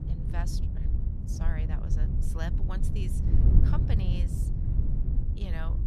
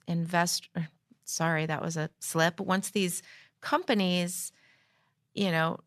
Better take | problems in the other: second | wind noise on the microphone; heavy; as loud as the speech

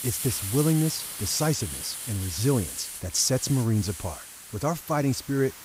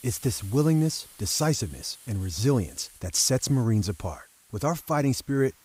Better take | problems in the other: second | hiss; loud; throughout; 7 dB below the speech; faint in the second

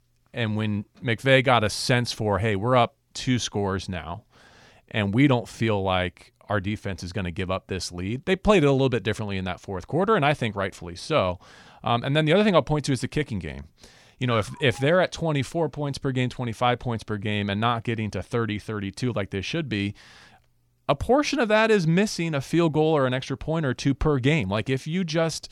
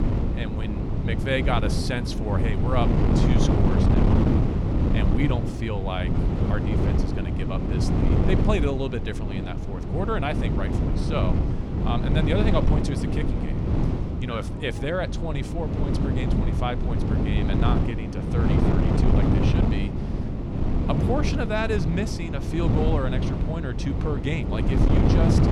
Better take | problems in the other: first | wind noise on the microphone; heavy; 1 dB below the speech

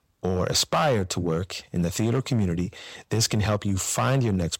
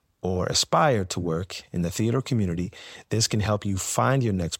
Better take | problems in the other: second | distortion; slight; 5% of the sound clipped

